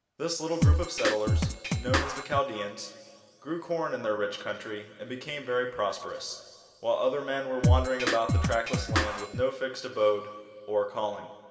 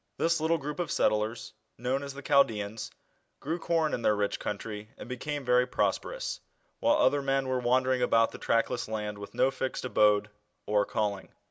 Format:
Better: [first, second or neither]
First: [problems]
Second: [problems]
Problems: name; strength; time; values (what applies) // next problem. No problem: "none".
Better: second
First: background sound (Drum kit); 5 dB above the speech // room echo; dies away in 2.1 s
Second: none